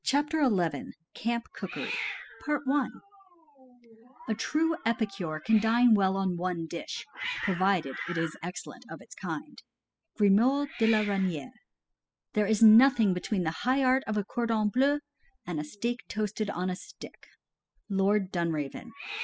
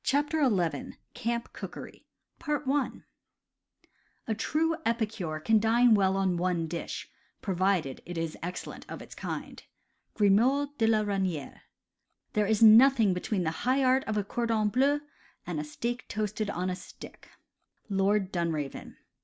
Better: second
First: noise reduction (classical method spectral subtraction)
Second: none

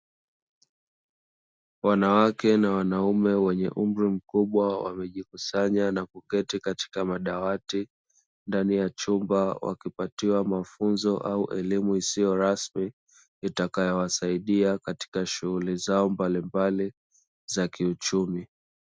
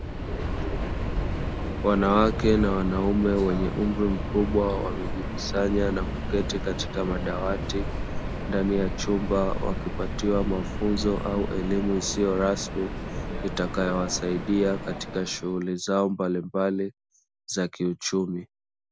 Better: first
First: none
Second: background sound (Subway, metro, underground); 4 dB below the speech

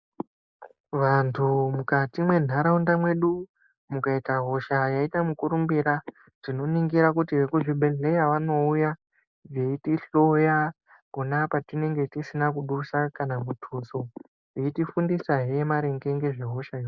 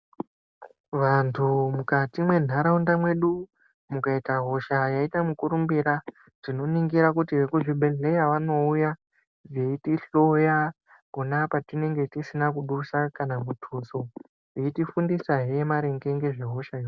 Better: second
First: noise reduction (neural mask model Resemble Enhance denoiser)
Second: none

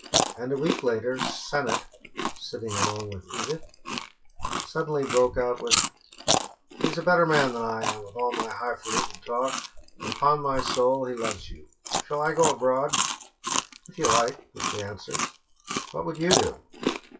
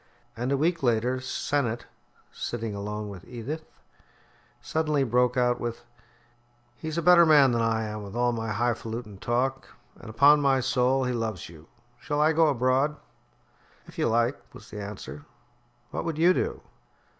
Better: second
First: noise reduction (classical method WPE with log-MMSE)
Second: none

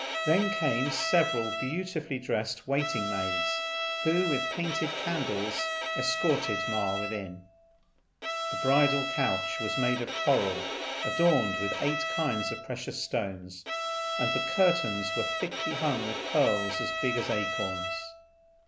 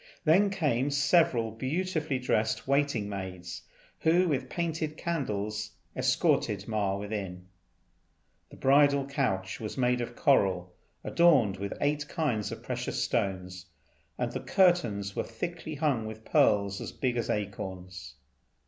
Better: second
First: background sound (Bowed string instrument); 2 dB below the speech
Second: none

